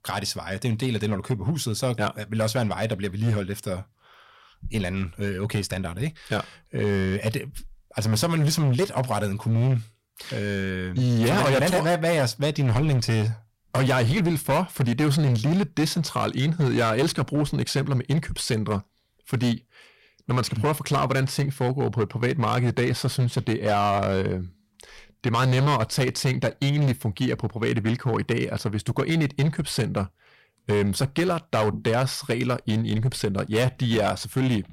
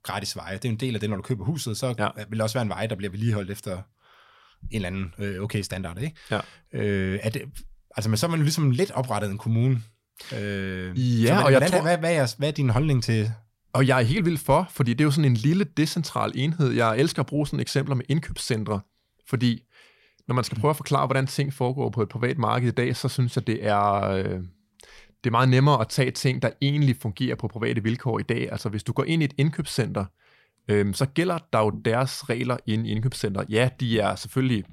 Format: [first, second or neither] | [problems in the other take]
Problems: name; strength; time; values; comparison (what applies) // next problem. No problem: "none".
second | distortion; slight; 11% of the sound clipped